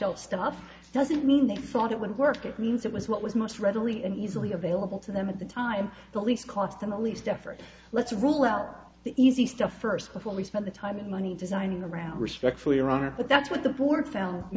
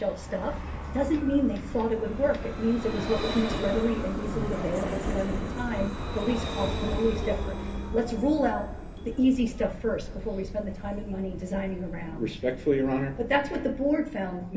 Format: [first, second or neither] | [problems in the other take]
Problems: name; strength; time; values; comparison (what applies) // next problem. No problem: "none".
first | background sound (Vehicle); 6 dB below the speech // room echo; dies away in 0.3 s